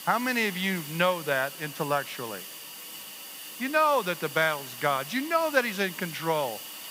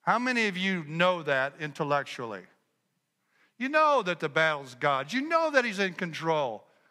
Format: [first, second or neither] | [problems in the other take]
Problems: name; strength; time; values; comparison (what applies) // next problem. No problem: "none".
second | hiss; noticeable; throughout; 10 dB below the speech